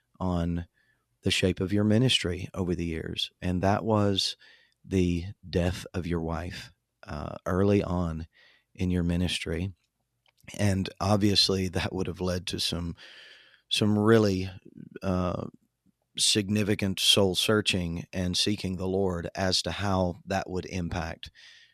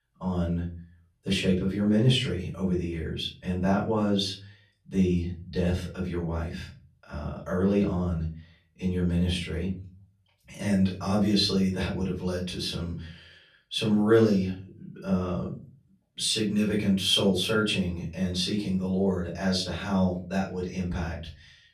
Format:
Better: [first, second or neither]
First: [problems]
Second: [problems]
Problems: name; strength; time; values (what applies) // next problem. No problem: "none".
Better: first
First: none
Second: off-mic speech; far // room echo; slight; dies away in 0.4 s